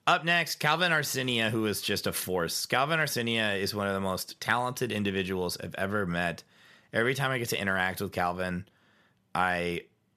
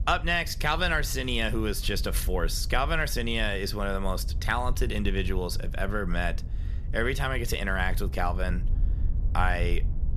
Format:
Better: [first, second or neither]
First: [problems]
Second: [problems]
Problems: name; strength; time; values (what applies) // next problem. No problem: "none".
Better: first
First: none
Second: wind noise on the microphone; occasional gusts; 20 dB below the speech